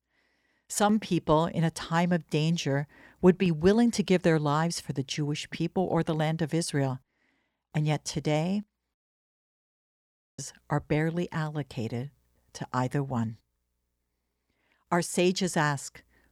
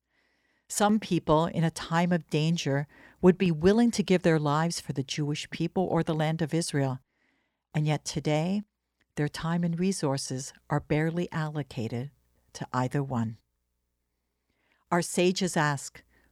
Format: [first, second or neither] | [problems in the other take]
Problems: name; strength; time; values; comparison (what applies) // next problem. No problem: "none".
second | audio cutting out; at 9 s for 1.5 s